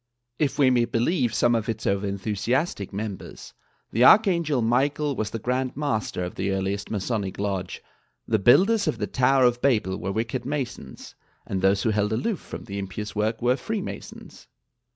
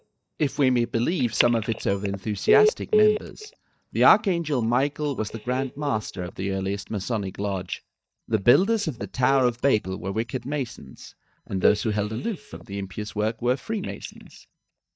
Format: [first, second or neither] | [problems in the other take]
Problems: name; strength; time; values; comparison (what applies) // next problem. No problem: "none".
first | noise reduction (neural mask model DeepFilterNet 3)